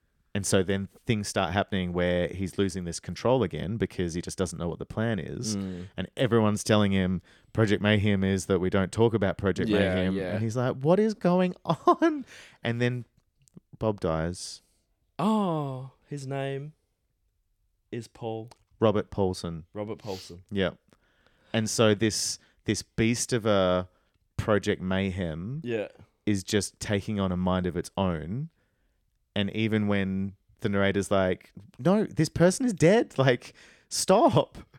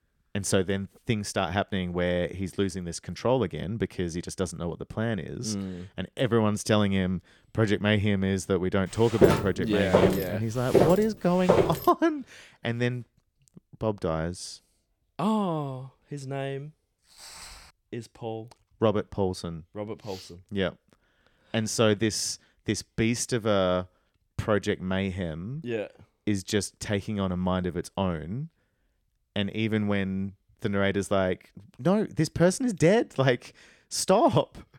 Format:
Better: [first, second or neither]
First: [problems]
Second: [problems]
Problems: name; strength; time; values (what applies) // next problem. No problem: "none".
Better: first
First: none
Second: footsteps; loud; from 9 to 12 s; peak 5 dB above the speech // footsteps; faint; at 17 s; peak 15 dB below the speech